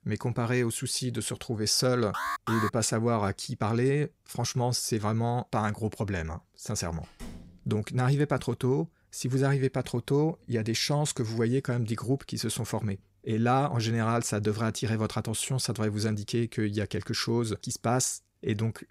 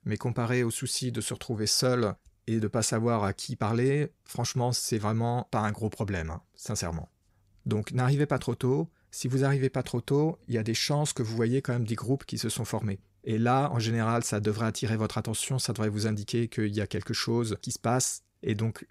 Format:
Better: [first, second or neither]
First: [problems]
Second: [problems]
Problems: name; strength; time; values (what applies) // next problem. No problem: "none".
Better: second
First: alarm; noticeable; at 2 s; peak 3 dB below the speech // door banging; faint; at 7 s; peak 15 dB below the speech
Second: none